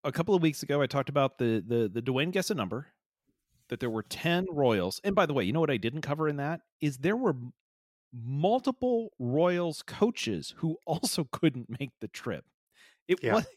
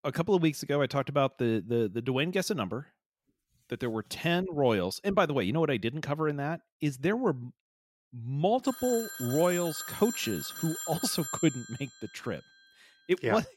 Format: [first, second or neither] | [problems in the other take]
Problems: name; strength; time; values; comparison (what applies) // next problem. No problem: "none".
first | phone ringing; noticeable; from 8.5 to 12 s; peak 7 dB below the speech